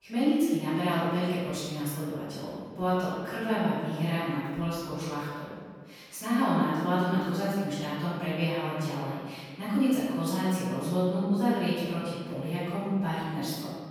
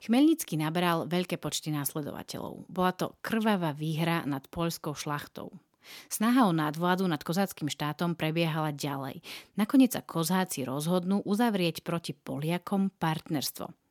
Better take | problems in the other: second | off-mic speech; far // room echo; strong; dies away in 1.5 s

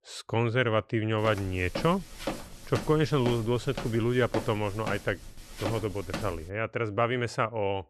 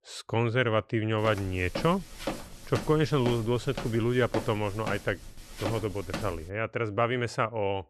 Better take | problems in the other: neither | footsteps; noticeable; from 1 to 6.5 s; peak 7 dB below the speech; the same in both

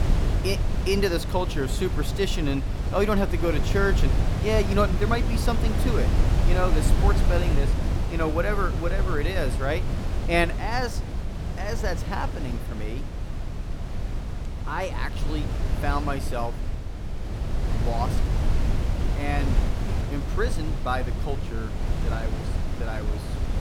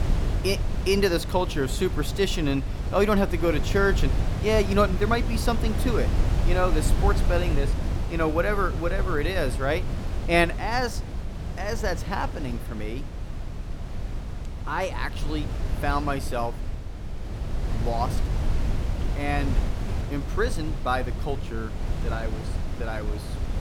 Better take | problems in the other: second | wind noise on the microphone; heavy; 7 dB below the speech; occasional gusts in the second

